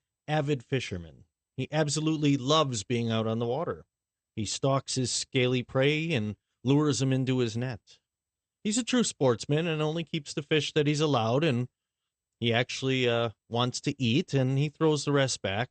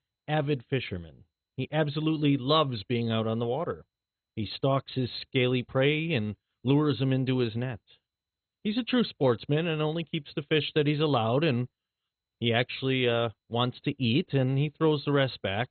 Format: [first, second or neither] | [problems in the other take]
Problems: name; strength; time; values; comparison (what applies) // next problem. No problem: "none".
first | garbled, watery; badly; nothing above 4 kHz; slightly in the first